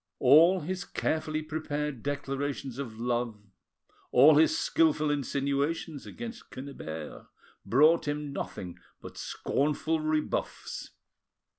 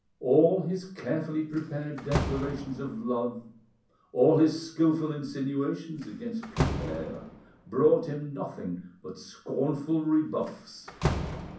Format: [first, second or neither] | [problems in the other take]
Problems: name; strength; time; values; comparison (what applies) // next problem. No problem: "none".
first | background sound (Slam); 9 dB below the speech // room echo; dies away in 0.6 s